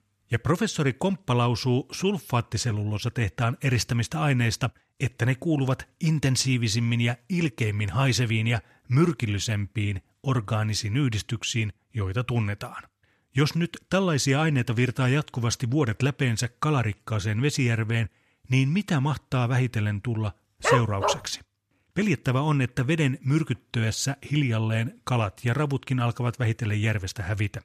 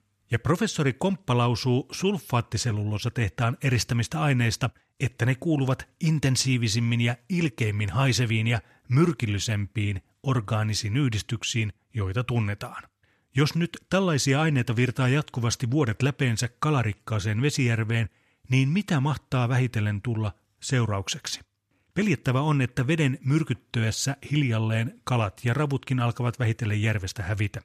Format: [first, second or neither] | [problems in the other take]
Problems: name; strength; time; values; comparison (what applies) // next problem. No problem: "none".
second | dog barking; loud; at 21 s; peak 2 dB above the speech